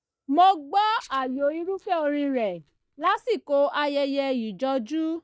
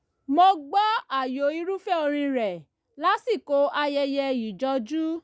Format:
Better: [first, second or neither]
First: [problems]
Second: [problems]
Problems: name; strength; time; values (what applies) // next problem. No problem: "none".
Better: second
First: noise reduction (neural mask model DeepFilterNet 3)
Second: none